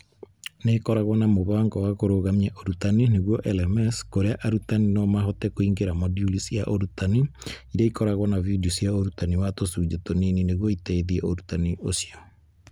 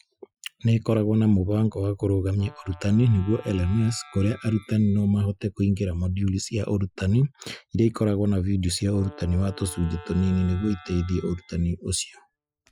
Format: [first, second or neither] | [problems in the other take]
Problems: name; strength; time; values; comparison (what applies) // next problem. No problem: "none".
first | noise reduction (classical method Wiener filter)